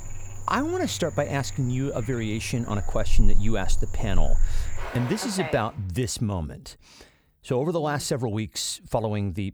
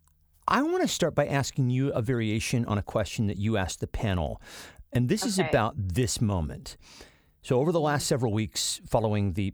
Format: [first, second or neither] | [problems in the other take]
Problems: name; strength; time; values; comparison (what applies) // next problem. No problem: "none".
second | animal sounds; loud; until 5.5 s; 6 dB below the speech